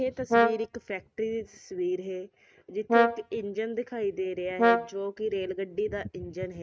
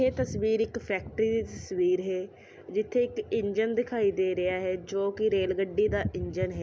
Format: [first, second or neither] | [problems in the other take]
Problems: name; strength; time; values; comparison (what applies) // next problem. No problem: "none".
second | noise reduction (neural mask model RNNoise)